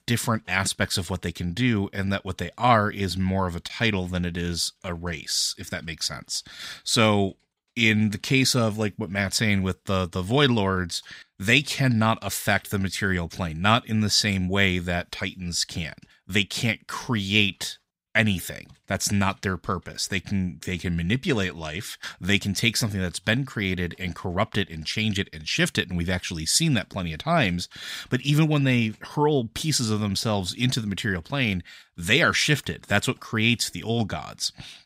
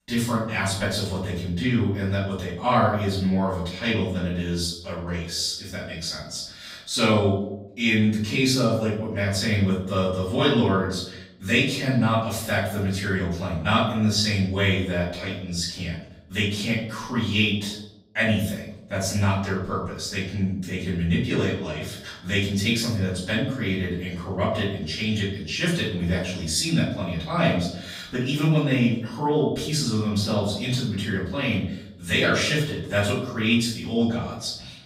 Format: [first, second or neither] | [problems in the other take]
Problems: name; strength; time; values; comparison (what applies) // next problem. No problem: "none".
first | off-mic speech; far // room echo; noticeable; dies away in 0.7 s